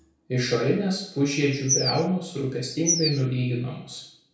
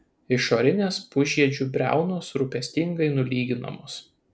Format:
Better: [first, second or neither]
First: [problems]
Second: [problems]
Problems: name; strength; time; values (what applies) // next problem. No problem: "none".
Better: second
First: background sound (Bird vocalization, bird call, bird song); 1 dB below the speech // room echo; dies away in 0.5 s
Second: none